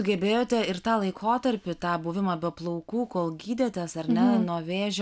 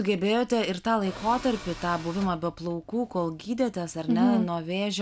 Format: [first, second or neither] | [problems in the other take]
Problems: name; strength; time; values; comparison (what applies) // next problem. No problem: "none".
first | background sound (Tools); 18 dB below the speech